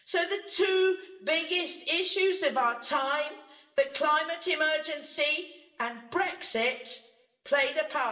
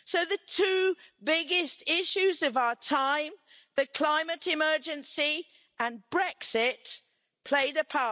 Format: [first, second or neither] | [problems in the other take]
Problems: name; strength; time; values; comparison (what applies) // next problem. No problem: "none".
second | room echo; dies away in 0.7 s